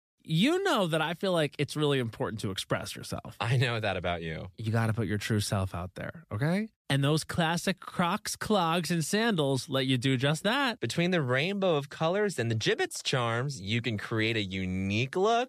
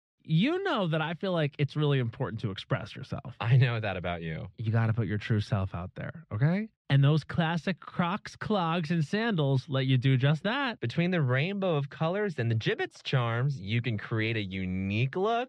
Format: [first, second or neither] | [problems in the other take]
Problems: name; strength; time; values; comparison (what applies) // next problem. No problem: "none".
first | muffled; slightly; fading above 3 kHz